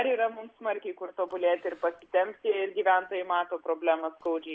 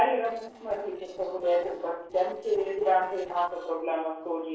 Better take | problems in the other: first | noise reduction (neural separator model SepFormer DNS4)

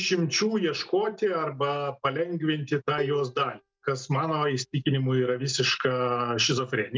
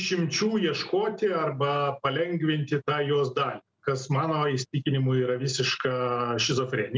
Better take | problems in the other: second | noise reduction (neural mask model DeepFilterNet 3)

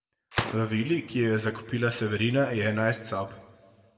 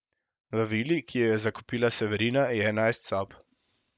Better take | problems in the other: second | background sound (Gunshot, gunfire); 12 dB below the speech // room echo; dies away in 1.1 s

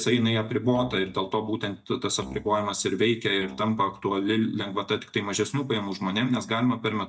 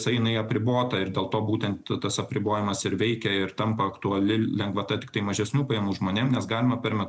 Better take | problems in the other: second | noise reduction (neural mask model DeepFilterNet 3)

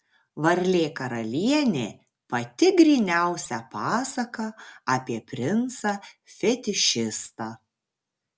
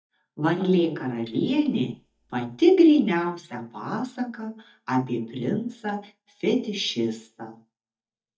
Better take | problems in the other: first | noise reduction (neural mask model DeepFilterNet 3)

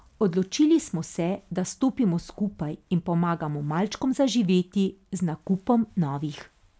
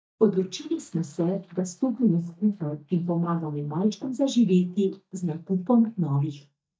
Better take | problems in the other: first | noise reduction (neural mask model DeepFilterNet 3)

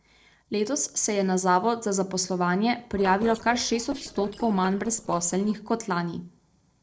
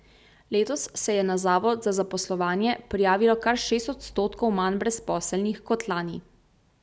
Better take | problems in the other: second | noise reduction (neural separator model SepFormer DNS4)

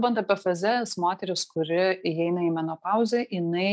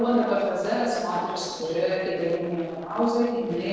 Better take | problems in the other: first | noise reduction (neural separator model SepFormer DNS4)

